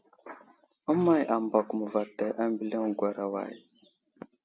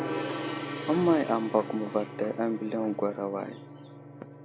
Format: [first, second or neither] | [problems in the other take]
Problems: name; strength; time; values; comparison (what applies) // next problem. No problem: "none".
first | background sound (Gong); 8 dB below the speech